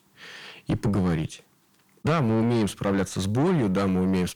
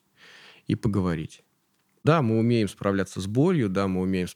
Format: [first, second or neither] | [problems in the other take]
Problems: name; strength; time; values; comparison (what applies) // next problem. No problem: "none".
second | distortion; heavy; 6 dB below the speech